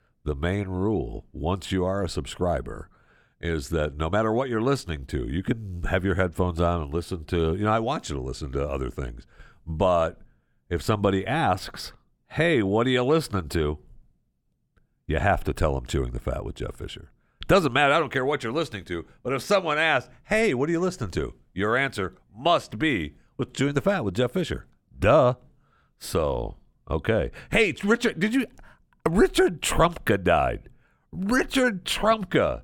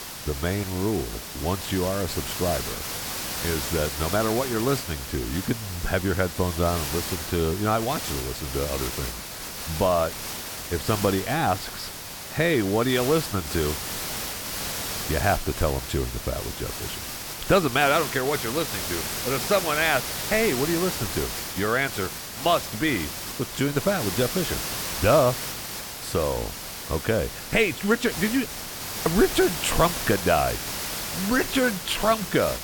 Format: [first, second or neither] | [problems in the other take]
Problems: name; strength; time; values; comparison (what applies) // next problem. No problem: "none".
first | hiss; loud; throughout; 5 dB below the speech